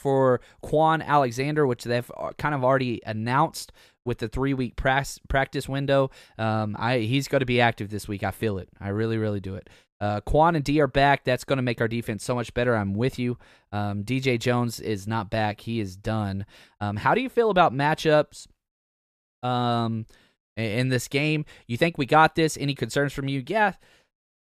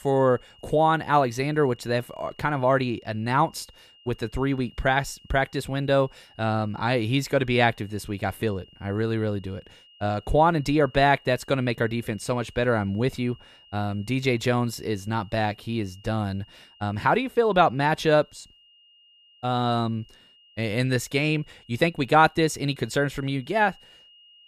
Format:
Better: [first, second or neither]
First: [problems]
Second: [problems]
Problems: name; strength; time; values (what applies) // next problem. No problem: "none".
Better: first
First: none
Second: high-pitched whine; faint; throughout; 3 kHz, 30 dB below the speech